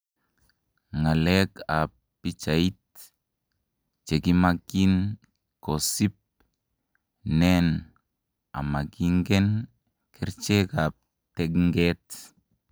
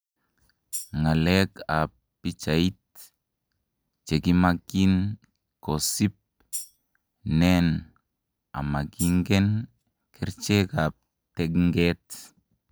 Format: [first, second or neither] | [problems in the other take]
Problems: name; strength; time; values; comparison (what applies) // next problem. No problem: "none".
first | background sound (Tambourine); 14 dB below the speech